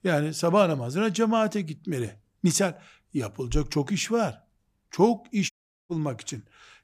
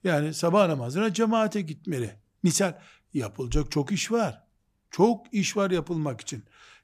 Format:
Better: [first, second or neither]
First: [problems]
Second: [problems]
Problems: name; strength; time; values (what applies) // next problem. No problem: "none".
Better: second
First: audio cutting out; at 5.5 s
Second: none